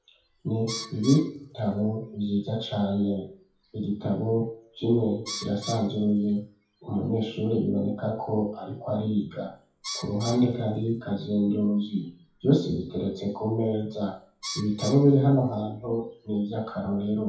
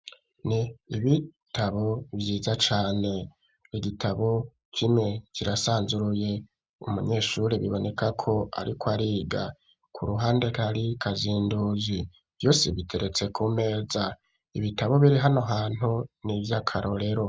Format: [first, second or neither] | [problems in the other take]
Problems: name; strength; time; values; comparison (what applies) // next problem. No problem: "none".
second | noise reduction (classical method WPE with log-MMSE)